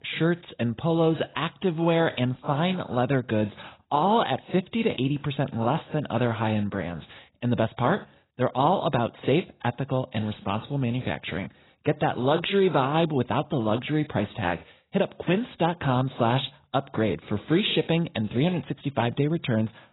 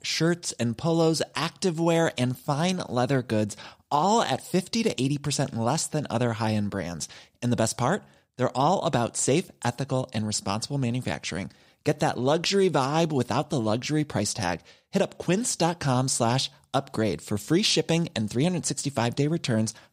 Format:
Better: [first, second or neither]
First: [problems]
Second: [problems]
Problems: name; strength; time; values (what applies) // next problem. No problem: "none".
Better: second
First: garbled, watery; badly; nothing above 4 kHz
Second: none